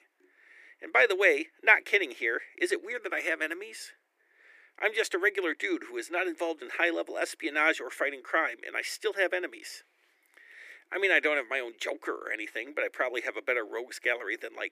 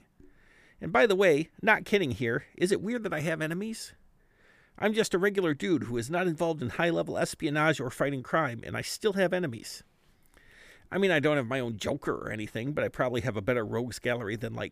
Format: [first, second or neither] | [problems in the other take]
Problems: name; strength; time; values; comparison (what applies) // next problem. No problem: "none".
second | thin; very; fading below 300 Hz